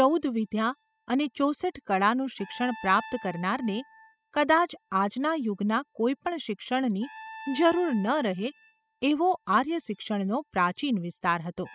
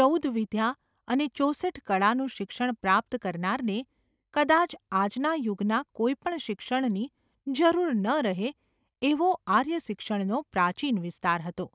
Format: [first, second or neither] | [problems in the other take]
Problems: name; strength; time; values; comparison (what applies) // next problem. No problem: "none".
second | noise reduction (classical method spectral subtraction)